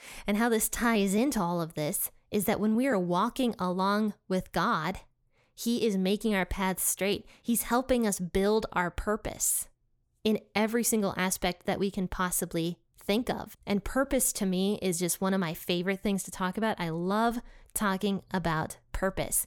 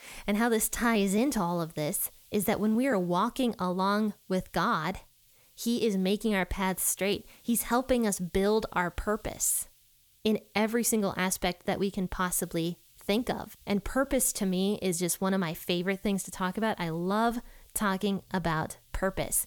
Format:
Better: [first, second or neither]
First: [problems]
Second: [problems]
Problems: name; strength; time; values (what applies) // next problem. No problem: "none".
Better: first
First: none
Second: hiss; faint; throughout; 30 dB below the speech